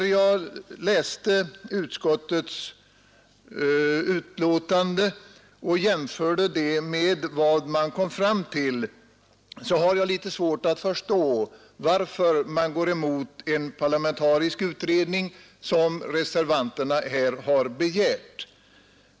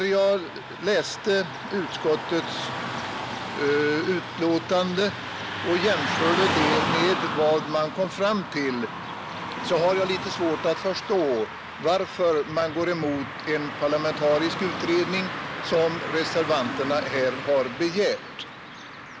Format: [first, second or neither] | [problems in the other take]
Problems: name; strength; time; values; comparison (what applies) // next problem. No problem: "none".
first | background sound (Car passing by / Traffic noise, roadway noise); 6 dB below the speech